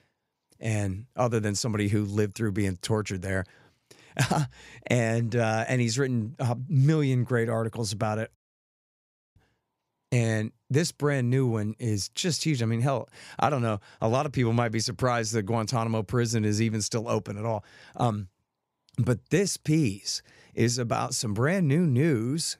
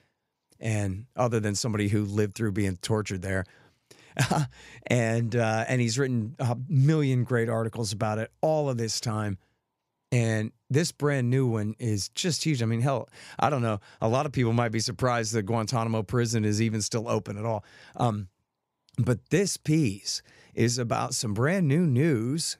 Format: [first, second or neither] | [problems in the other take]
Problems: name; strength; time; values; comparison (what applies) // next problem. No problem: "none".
second | audio cutting out; at 8.5 s for 1 s